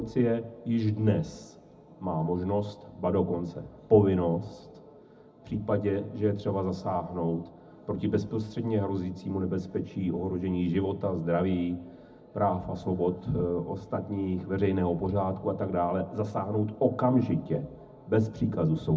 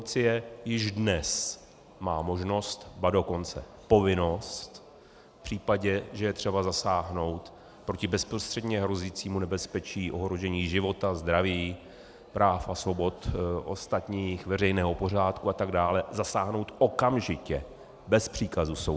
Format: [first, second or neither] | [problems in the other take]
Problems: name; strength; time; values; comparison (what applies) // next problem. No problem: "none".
second | room echo; dies away in 0.4 s